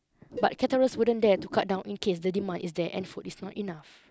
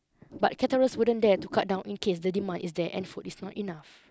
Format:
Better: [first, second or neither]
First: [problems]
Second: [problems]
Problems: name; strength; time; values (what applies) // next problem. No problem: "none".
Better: second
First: background sound (Cowbell); 18 dB below the speech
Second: none